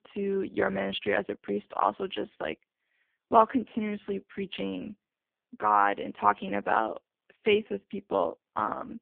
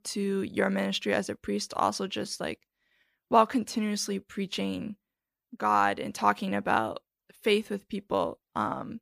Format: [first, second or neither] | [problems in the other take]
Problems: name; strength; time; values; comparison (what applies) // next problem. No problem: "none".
second | phone-call audio; poor line; nothing above 3.5 kHz